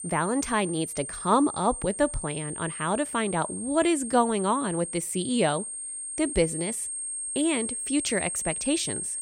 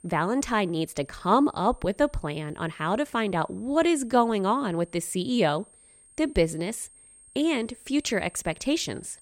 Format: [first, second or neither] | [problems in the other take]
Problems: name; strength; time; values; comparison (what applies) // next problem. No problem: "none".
second | high-pitched whine; loud; throughout; 8.5 kHz, 5 dB below the speech; faint in the second